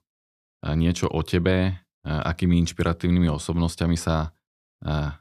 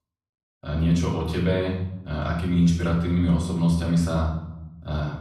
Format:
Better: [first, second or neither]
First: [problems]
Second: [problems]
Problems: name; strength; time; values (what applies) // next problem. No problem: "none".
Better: first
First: none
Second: off-mic speech; far // room echo; noticeable; dies away in 0.7 s